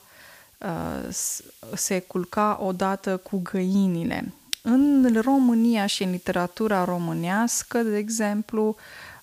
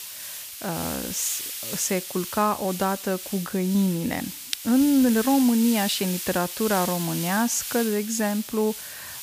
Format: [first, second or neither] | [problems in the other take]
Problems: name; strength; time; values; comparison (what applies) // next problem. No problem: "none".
first | hiss; loud; throughout; 7 dB below the speech; faint in the first